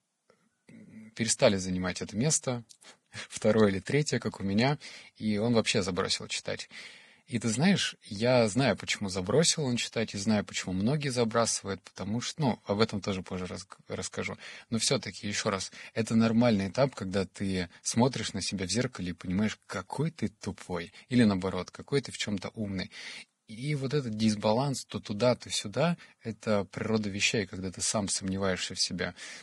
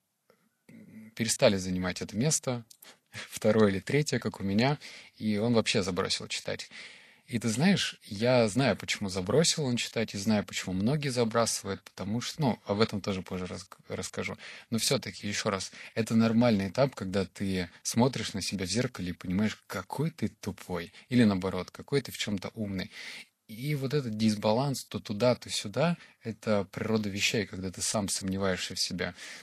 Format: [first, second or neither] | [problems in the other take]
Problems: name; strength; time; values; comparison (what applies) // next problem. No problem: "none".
second | garbled, watery; badly; slightly in the second